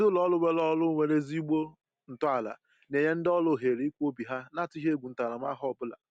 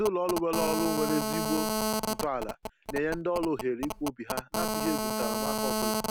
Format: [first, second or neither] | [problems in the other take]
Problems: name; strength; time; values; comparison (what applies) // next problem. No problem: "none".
first | background sound (Telephone); as loud as the speech